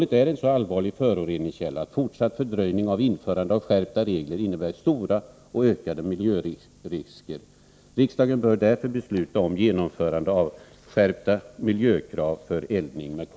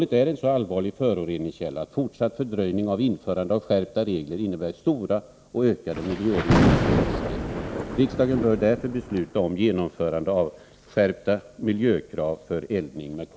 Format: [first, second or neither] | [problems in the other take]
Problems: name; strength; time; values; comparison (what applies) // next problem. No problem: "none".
first | background sound (Thunder); as loud as the speech